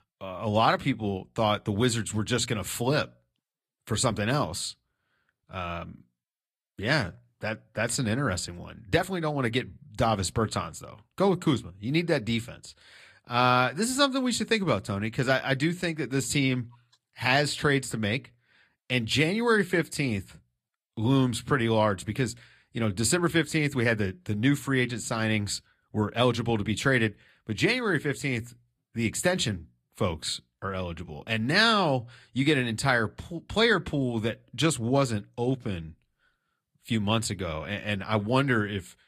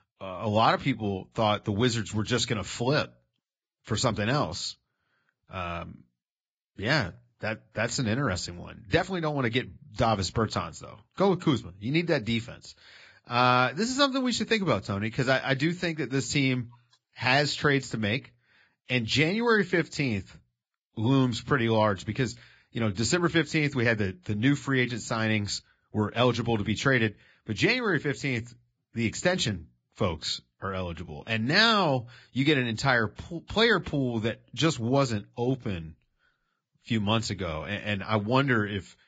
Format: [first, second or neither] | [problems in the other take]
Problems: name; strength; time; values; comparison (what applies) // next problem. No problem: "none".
first | garbled, watery; badly; nothing above 7.5 kHz; slightly in the first